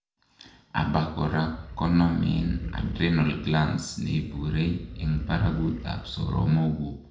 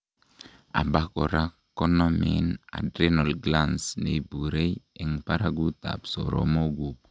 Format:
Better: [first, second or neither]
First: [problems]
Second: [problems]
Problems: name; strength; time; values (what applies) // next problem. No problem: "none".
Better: second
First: background sound (Animal); 10 dB below the speech // room echo; dies away in 0.6 s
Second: none